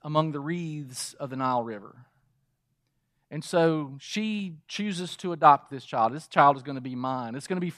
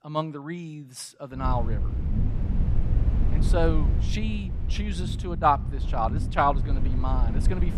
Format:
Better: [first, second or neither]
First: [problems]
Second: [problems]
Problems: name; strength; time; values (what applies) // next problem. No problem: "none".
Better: first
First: none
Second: low rumble; noticeable; from 1.5 s on; 15 dB below the speech